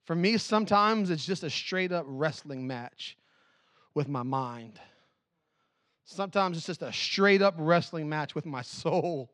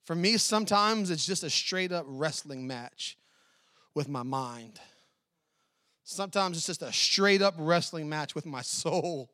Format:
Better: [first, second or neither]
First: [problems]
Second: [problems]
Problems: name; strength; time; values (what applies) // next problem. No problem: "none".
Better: second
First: muffled; slightly; fading above 3 kHz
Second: none